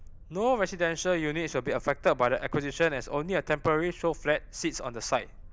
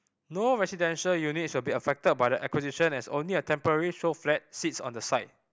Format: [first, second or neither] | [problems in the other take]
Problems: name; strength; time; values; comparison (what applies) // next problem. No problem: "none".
second | background sound (Boat, Water vehicle); 17 dB below the speech